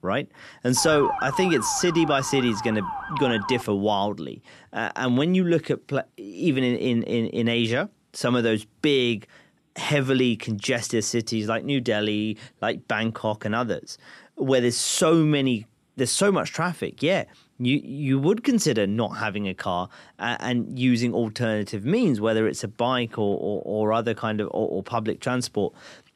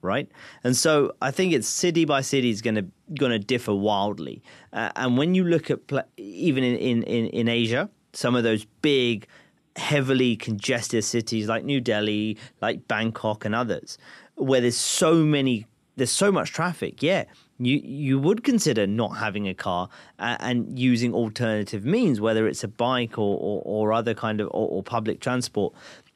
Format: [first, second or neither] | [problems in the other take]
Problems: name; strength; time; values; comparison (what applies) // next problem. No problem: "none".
second | siren; noticeable; from 1 to 3.5 s; peak 3 dB below the speech